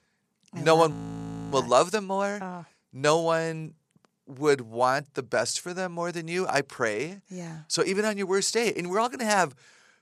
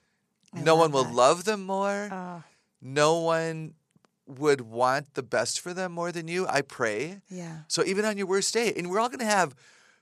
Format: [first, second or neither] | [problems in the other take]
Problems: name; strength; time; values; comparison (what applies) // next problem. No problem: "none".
second | audio freezing; at 1 s for 0.5 s